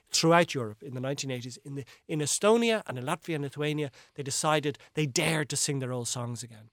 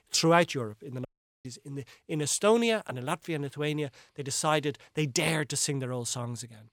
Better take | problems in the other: first | audio cutting out; at 1 s

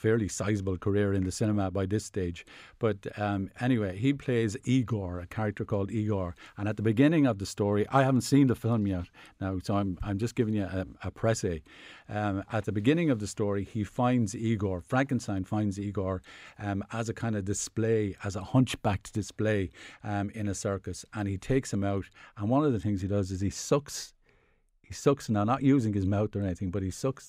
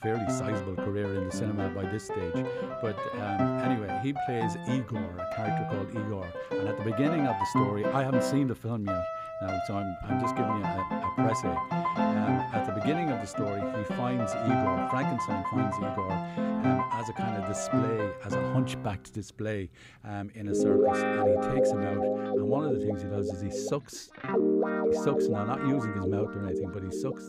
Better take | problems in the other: first | background music; very loud; throughout; 4 dB above the speech

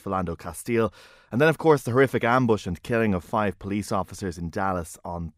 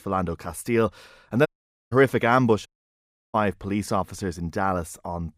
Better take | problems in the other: first | audio cutting out; at 1.5 s and at 2.5 s for 0.5 s

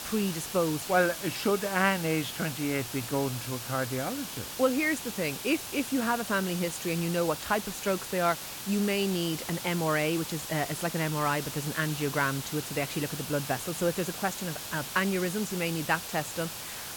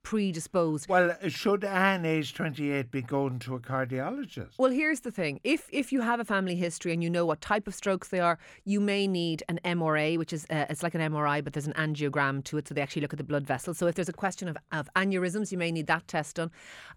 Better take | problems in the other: second | hiss; loud; throughout; 6 dB below the speech

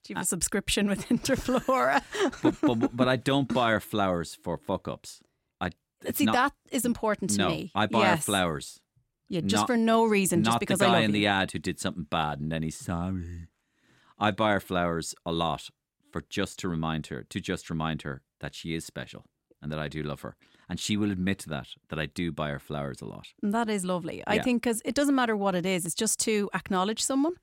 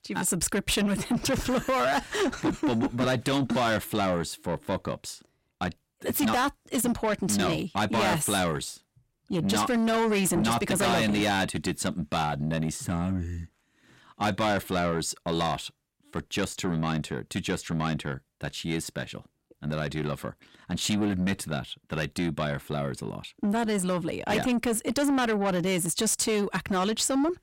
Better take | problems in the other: first | distortion; heavy; 8 dB below the speech

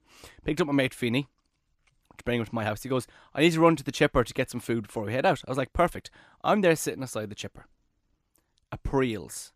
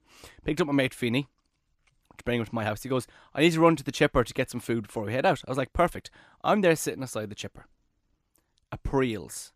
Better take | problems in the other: neither | none

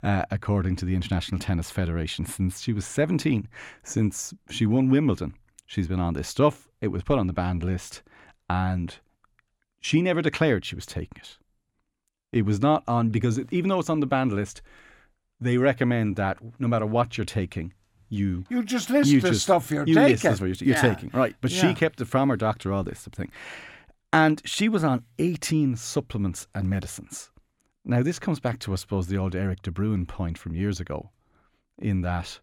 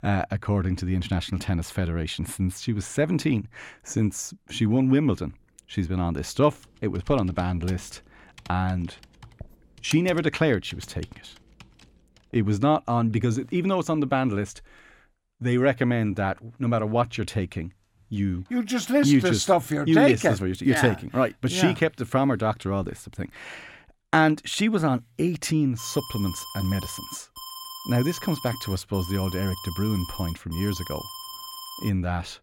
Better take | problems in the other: first | keyboard typing; faint; from 6.5 to 12 s; peak 15 dB below the speech // alarm; faint; from 26 to 32 s; peak 10 dB below the speech

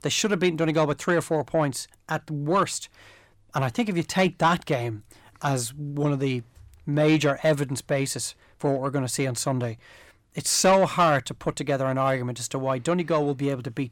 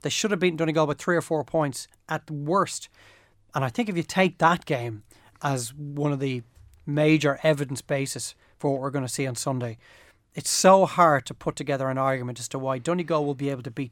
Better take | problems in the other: second | distortion; slight; 10 dB below the speech

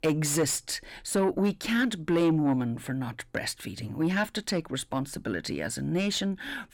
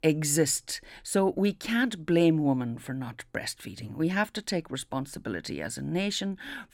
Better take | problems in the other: second | distortion; slight; 10 dB below the speech

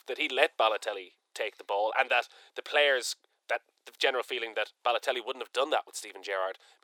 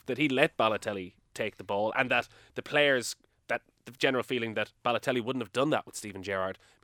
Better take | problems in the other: second | thin; very; fading below 400 Hz

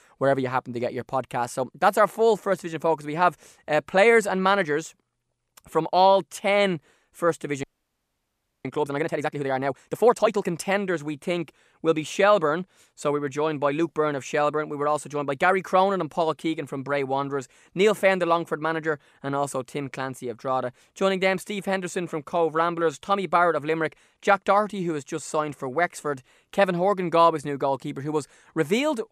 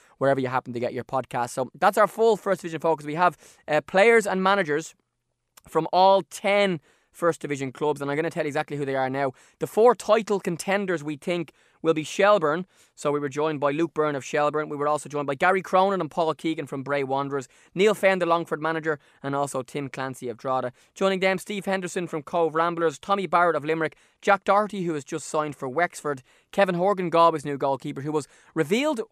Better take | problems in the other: second | audio freezing; at 7.5 s for 1 s

